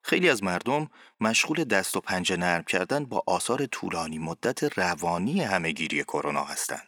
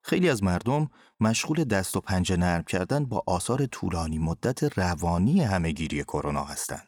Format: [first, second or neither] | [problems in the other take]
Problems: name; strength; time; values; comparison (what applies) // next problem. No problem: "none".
second | thin; somewhat; fading below 250 Hz